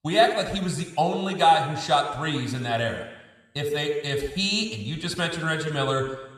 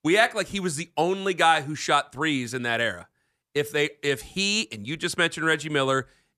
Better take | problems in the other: second | room echo; slight; dies away in 1 s

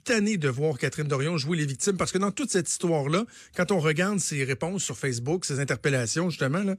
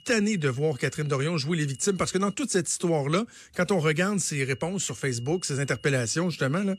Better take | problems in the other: first | high-pitched whine; faint; until 2.5 s and from 4.5 s on; 3 kHz, 25 dB below the speech

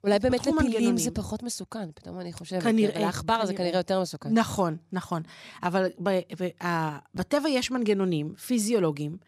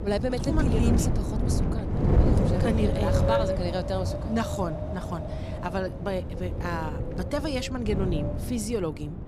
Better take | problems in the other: first | wind noise on the microphone; heavy; 1 dB below the speech

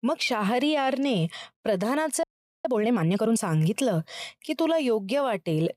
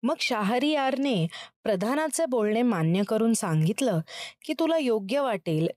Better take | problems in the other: second | audio freezing; at 2 s

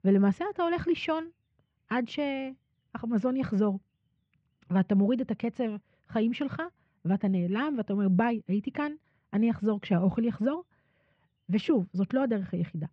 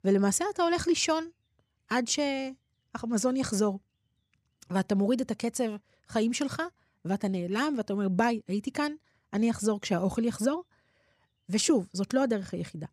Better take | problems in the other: second | muffled; very; fading above 3 kHz

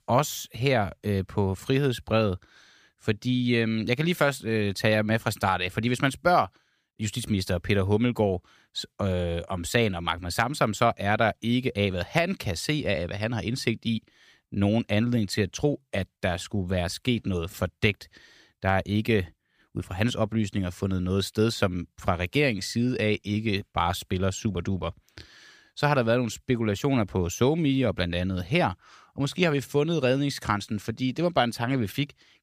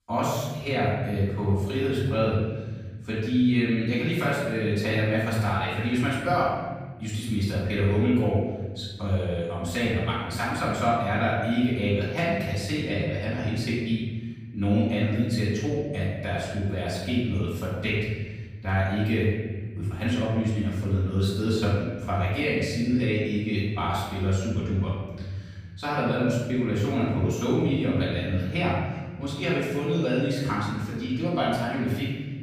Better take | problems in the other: first | off-mic speech; far // room echo; strong; dies away in 1.7 s

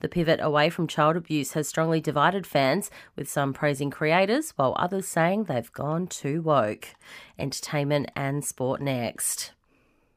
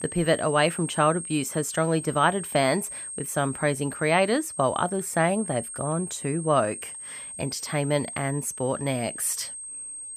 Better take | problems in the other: first | high-pitched whine; loud; throughout; 8.5 kHz, 9 dB below the speech

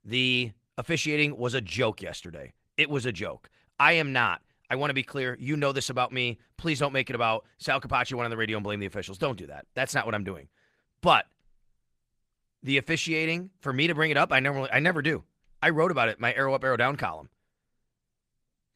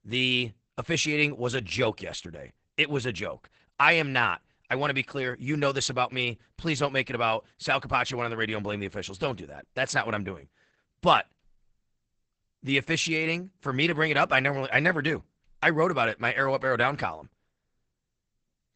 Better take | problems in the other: first | garbled, watery; badly; nothing above 8 kHz; slightly in the first

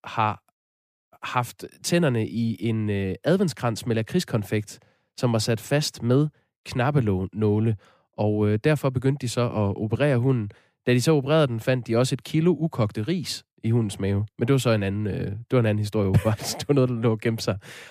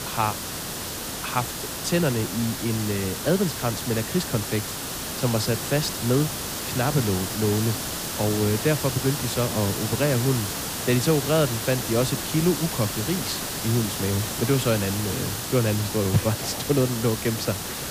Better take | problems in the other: first | hiss; loud; throughout; 3 dB below the speech

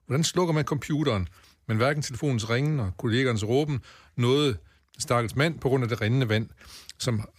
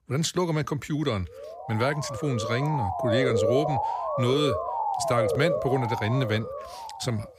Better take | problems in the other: first | siren; loud; from 1.5 s on; peak 3 dB above the speech

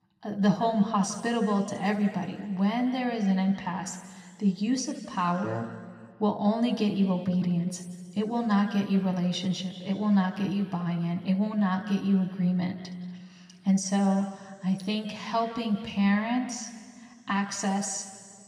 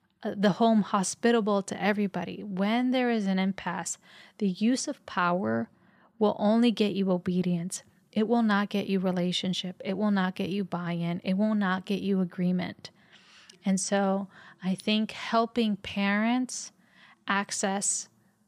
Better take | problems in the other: second | room echo; noticeable; dies away in 1.7 s // off-mic speech; somewhat distant

